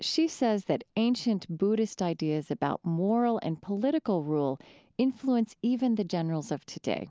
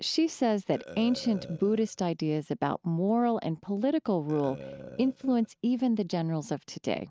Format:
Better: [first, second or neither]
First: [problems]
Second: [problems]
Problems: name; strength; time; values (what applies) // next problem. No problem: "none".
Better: first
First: none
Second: noise reduction (neural mask model RNNoise)